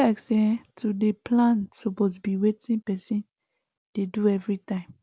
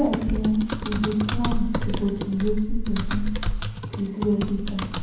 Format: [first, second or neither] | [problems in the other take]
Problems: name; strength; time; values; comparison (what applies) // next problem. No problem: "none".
first | background sound (Typing); as loud as the speech // room echo; dies away in 1.2 s